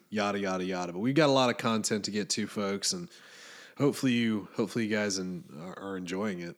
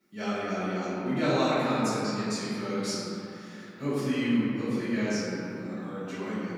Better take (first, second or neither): first